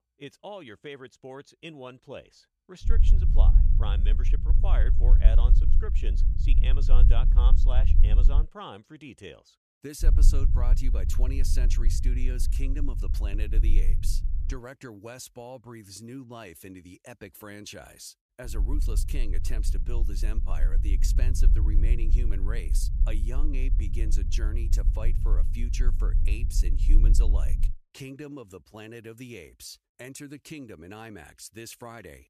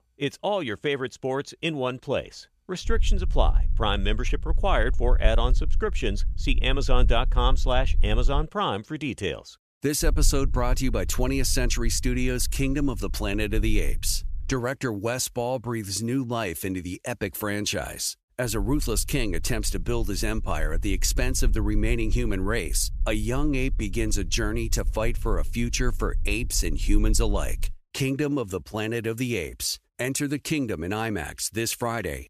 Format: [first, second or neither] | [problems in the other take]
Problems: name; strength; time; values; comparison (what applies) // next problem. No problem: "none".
second | low rumble; loud; from 3 to 8.5 s, from 10 to 15 s and from 18 to 28 s; 6 dB below the speech; faint in the second